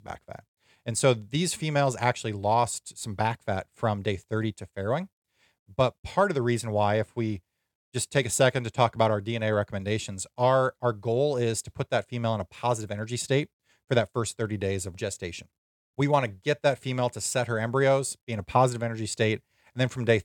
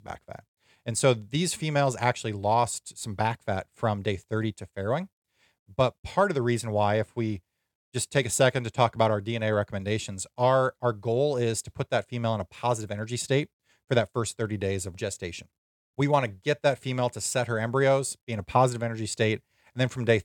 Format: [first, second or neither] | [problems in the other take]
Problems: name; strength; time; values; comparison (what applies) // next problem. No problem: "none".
neither | none